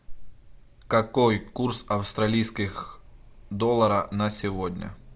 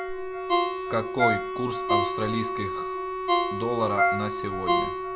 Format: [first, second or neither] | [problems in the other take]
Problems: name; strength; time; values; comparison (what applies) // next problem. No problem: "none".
first | background sound (Ringtone + Wind instrument, woodwind instrument); 5 dB above the speech